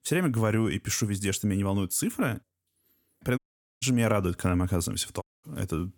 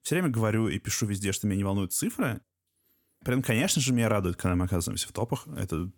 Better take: second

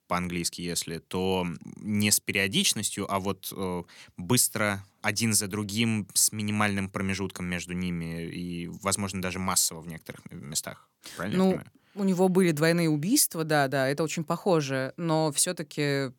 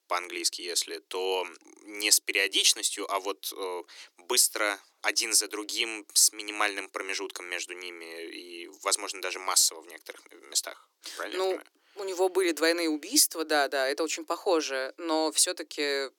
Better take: first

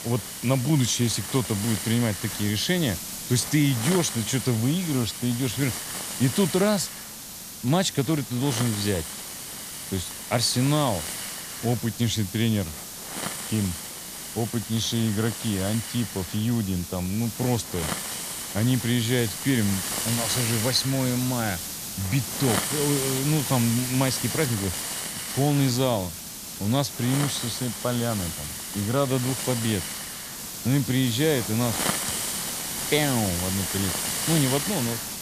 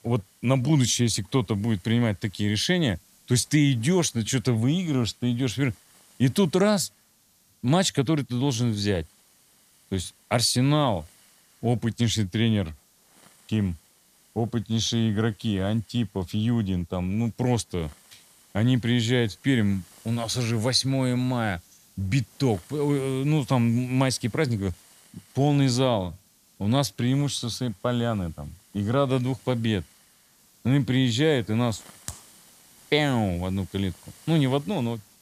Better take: second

